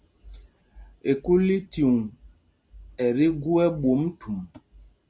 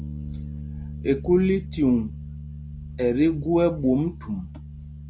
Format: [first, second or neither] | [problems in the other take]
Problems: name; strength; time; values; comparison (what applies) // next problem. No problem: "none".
first | background sound (Bass guitar); 11 dB below the speech